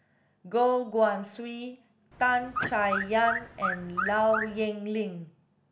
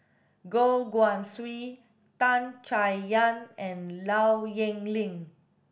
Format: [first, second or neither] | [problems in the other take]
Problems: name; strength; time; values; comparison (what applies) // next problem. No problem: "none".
second | background sound (Alarm / Car); 4 dB below the speech